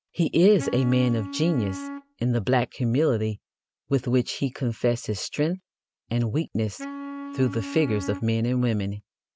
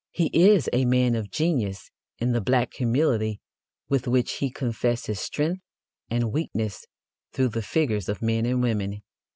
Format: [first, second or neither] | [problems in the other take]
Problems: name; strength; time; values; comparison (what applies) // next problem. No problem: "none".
second | background sound (Wind instrument, woodwind instrument); 12 dB below the speech